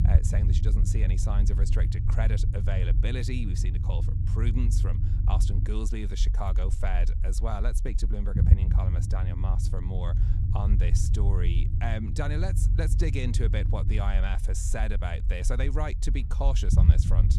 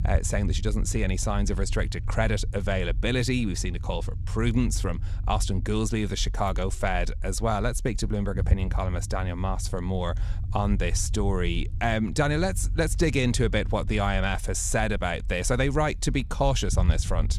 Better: second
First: low rumble; loud; throughout; 5 dB below the speech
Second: low rumble; faint; throughout; 20 dB below the speech

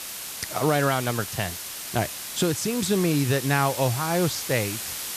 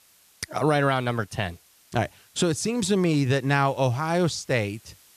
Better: second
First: hiss; loud; throughout; 6 dB below the speech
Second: hiss; faint; throughout; 30 dB below the speech

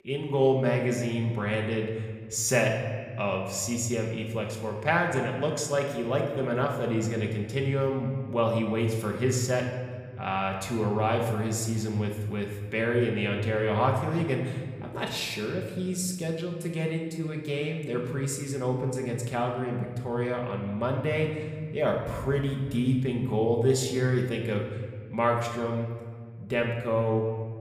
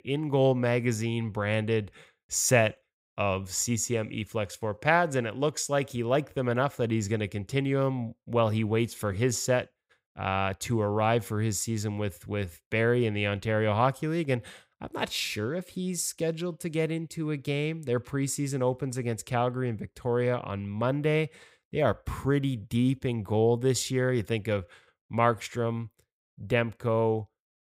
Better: second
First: room echo; slight; dies away in 1.5 s // off-mic speech; somewhat distant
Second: none

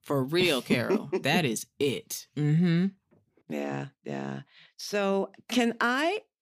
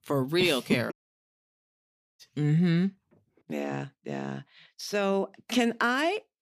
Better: first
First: none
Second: audio cutting out; at 1 s for 1.5 s

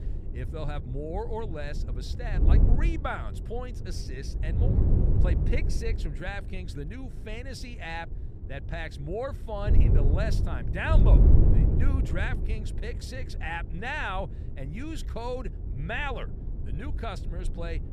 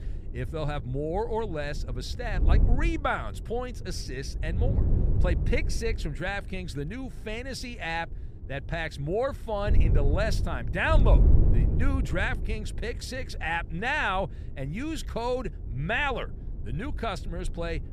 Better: second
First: wind noise on the microphone; heavy; 6 dB below the speech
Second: wind noise on the microphone; occasional gusts; 15 dB below the speech

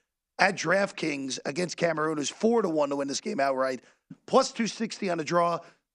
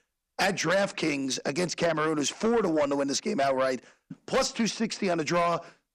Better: first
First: none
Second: distortion; heavy; 8 dB below the speech

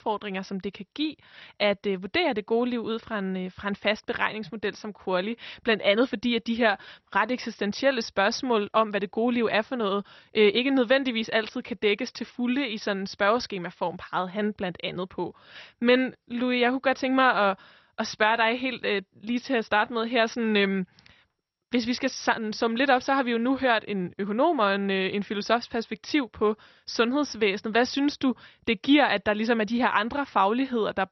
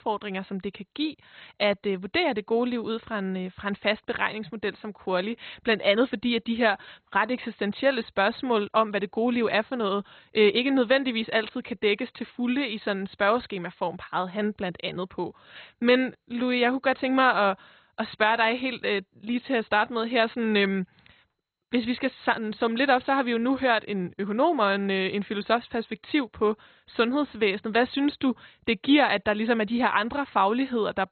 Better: first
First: garbled, watery; slightly; nothing above 6 kHz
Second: garbled, watery; badly; nothing above 4 kHz

